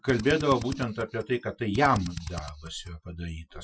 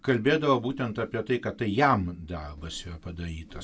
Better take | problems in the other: second | noise reduction (classical method Wiener filter)

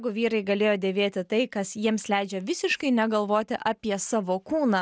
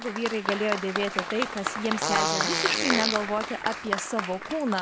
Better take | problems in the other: first | background sound (Fart + Applause); as loud as the speech

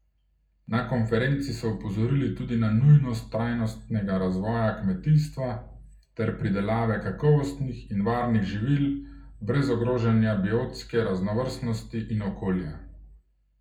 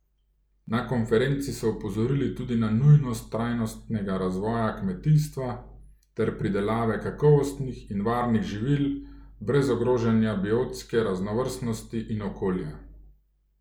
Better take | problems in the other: second | room echo; dies away in 0.3 s

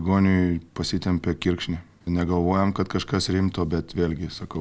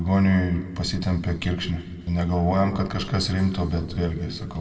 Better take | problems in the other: first | background sound (Acoustic guitar / Strum); 19 dB below the speech // room echo; dies away in 1.4 s

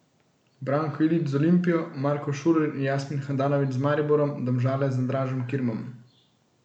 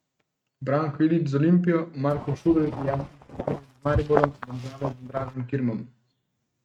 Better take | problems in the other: first | noise reduction (neural mask model RNNoise)

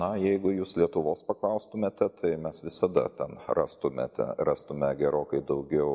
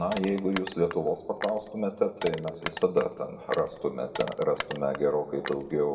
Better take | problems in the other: first | background sound (Crushing); 12 dB below the speech // room echo; dies away in 1.3 s

